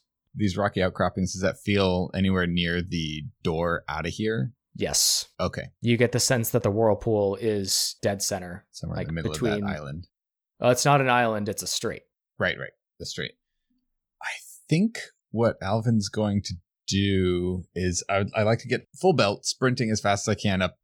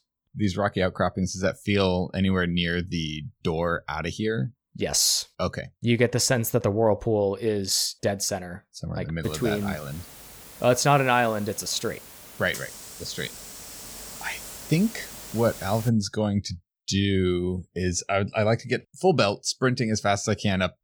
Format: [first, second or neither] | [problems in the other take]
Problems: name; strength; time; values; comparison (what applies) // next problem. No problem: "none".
first | hiss; noticeable; from 9 to 16 s; 15 dB below the speech